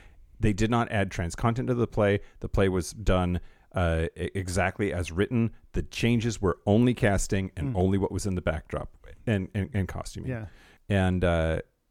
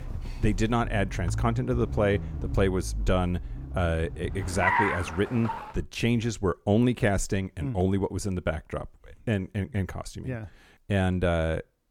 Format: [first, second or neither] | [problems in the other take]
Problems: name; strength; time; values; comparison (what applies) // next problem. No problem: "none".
first | traffic noise; loud; until 5.5 s; 5 dB below the speech